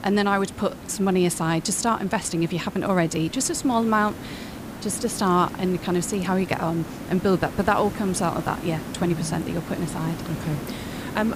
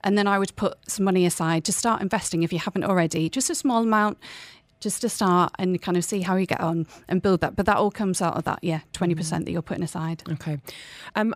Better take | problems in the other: second | hiss; noticeable; throughout; 10 dB below the speech

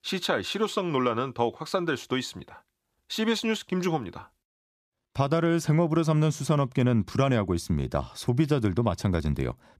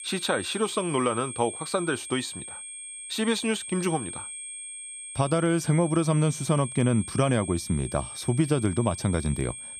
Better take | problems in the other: first | high-pitched whine; loud; throughout; 8.5 kHz, 9 dB below the speech

